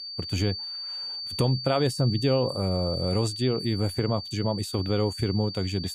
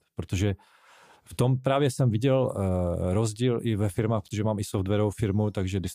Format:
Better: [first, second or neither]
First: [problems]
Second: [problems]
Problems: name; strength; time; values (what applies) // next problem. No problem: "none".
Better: second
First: high-pitched whine; loud; throughout; 4.5 kHz, 7 dB below the speech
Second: none